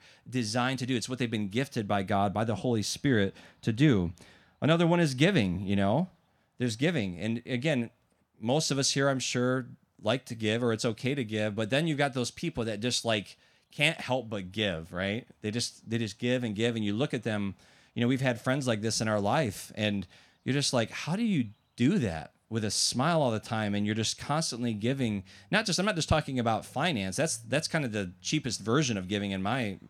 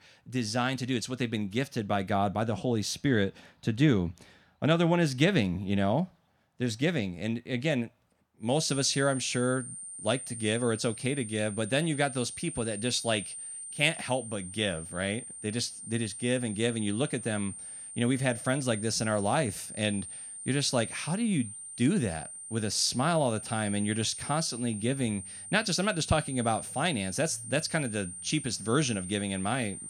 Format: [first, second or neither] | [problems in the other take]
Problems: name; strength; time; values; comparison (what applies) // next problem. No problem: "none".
first | high-pitched whine; loud; from 8.5 s on; 9 kHz, 9 dB below the speech